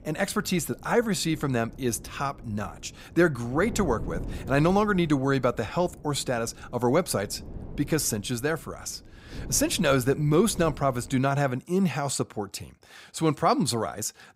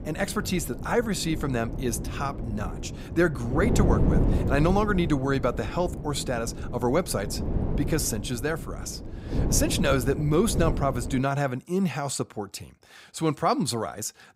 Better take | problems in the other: first | wind noise on the microphone; heavy; until 11 s; 9 dB below the speech; occasional gusts in the first

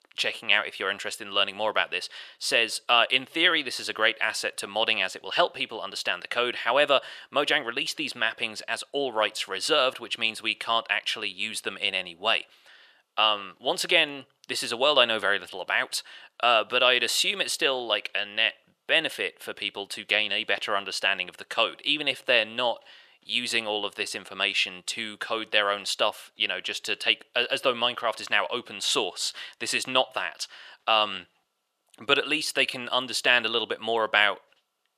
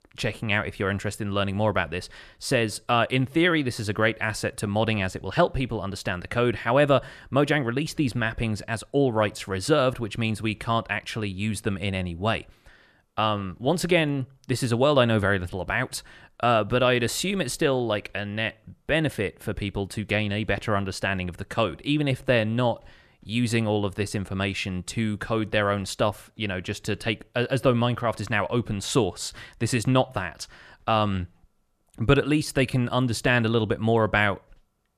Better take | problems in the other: second | thin; very; fading below 550 Hz

